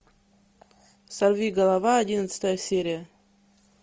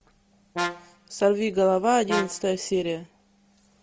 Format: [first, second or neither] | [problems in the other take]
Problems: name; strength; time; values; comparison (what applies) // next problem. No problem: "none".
first | background sound (Brass instrument); 9 dB below the speech